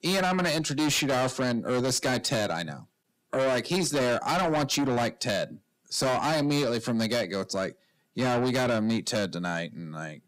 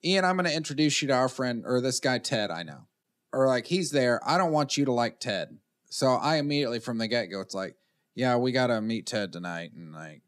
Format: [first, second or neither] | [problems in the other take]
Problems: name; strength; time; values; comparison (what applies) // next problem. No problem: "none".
second | distortion; heavy; 6 dB below the speech